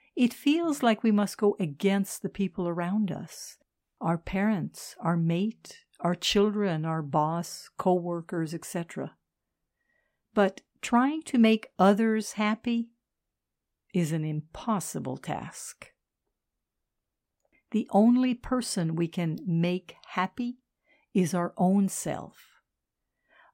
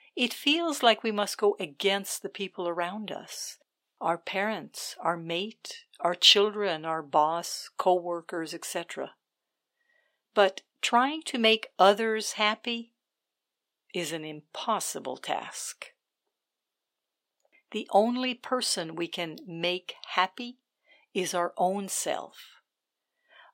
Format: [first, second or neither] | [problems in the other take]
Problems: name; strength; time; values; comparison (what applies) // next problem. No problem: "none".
first | thin; somewhat; fading below 500 Hz